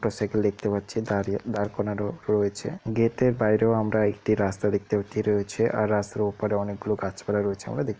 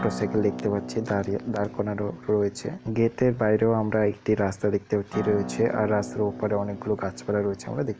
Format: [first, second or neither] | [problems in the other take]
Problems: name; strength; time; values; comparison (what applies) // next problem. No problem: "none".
first | background sound (Acoustic guitar); 12 dB below the speech